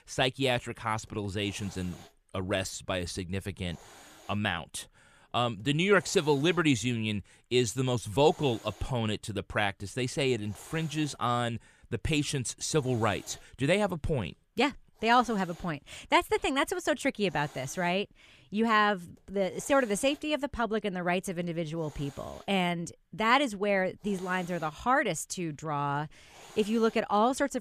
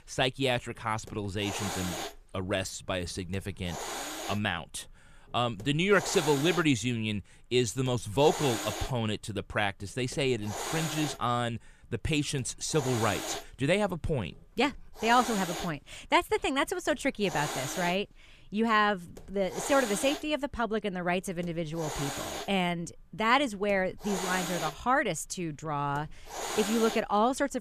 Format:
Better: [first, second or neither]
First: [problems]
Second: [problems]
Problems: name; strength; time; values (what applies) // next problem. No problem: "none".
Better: first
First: hiss; faint; throughout; 25 dB below the speech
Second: hiss; loud; throughout; 7 dB below the speech